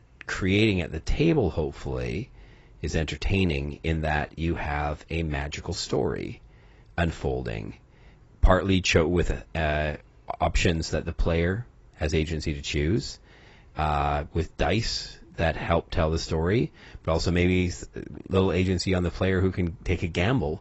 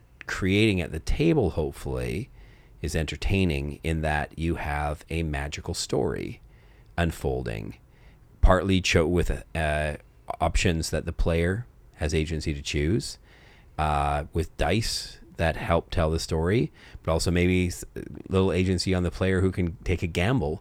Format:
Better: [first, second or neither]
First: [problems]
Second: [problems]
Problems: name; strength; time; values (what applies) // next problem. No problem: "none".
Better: second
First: garbled, watery; badly; nothing above 7.5 kHz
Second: none